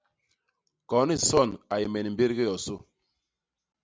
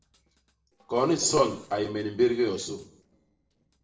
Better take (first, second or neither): first